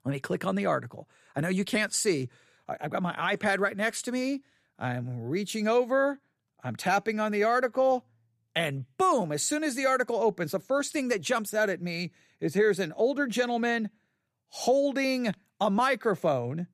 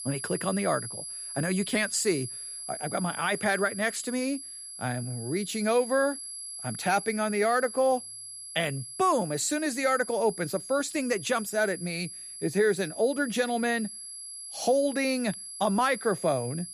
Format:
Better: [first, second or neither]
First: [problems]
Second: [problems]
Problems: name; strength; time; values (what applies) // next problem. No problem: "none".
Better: first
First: none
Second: high-pitched whine; loud; throughout; 11 kHz, 9 dB below the speech